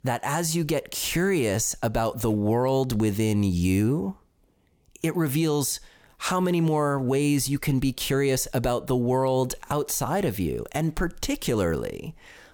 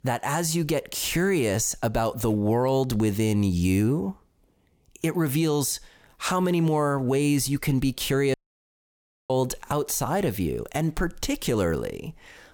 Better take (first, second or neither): first